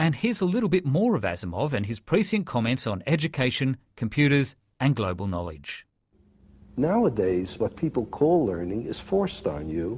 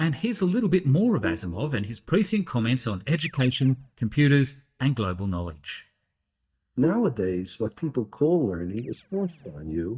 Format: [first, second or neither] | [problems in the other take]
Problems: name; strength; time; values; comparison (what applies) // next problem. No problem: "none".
first | noise reduction (neural mask model DeepFilterNet 3)